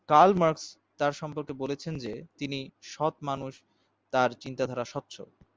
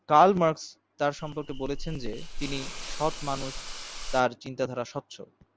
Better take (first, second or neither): first